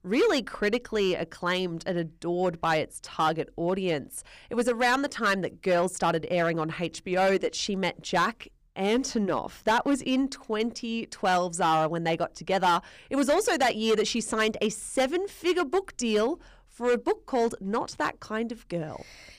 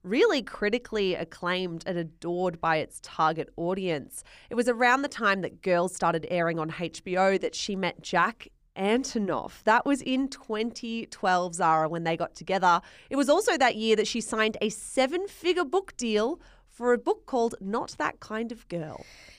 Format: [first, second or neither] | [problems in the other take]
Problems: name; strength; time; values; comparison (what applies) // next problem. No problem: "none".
second | distortion; slight; 5% of the sound clipped